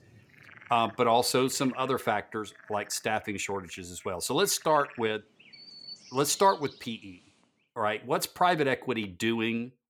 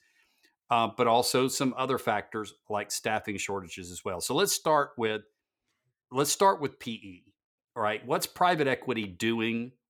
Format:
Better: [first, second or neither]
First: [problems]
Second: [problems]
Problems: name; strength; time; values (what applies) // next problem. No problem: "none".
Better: second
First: animal sounds; faint; until 7.5 s; 20 dB below the speech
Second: none